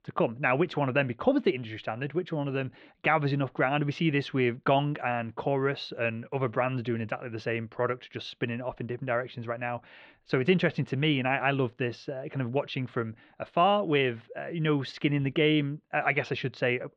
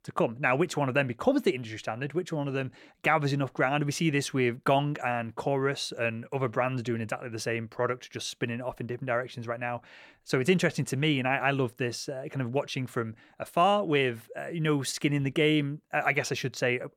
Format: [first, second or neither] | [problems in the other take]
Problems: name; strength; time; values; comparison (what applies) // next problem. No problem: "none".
second | muffled; slightly; fading above 3.5 kHz